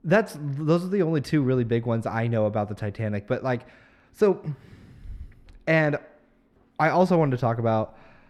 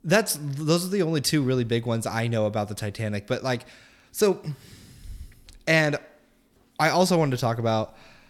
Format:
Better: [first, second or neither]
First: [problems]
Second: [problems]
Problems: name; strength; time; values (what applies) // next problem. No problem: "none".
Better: second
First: muffled; very; fading above 3.5 kHz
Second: none